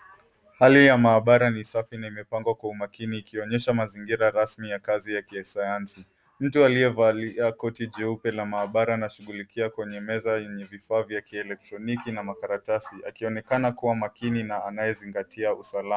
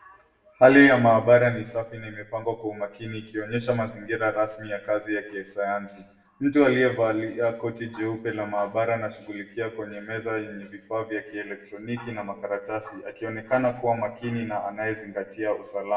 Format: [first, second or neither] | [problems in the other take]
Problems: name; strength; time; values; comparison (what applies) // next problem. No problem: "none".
first | room echo; dies away in 0.7 s